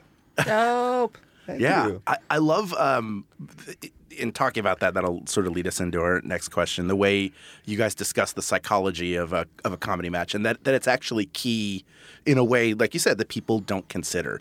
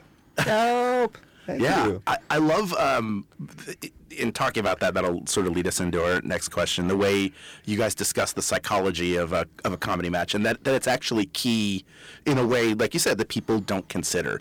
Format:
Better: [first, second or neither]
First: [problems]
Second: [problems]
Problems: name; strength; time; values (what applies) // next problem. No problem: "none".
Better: first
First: none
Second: distortion; heavy; 10% of the sound clipped